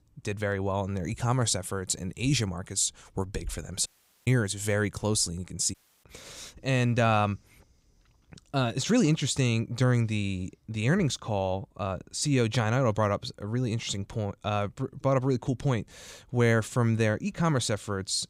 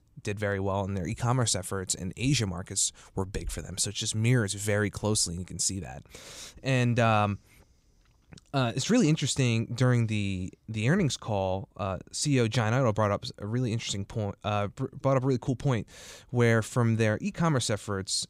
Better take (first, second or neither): second